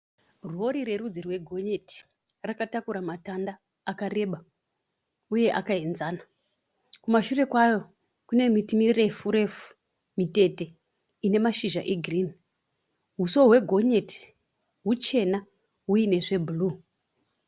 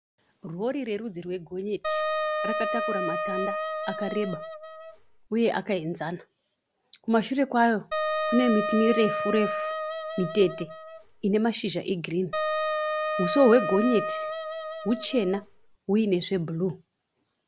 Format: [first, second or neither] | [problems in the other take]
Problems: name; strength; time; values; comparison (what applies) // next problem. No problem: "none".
first | background sound (Wind instrument, woodwind instrument); 2 dB below the speech